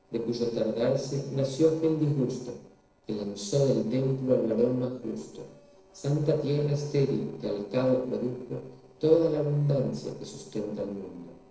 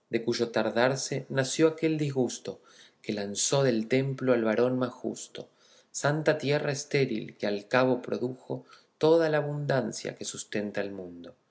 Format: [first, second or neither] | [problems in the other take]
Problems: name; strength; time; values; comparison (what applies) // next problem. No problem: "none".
second | noise reduction (neural separator model SepFormer DNS4)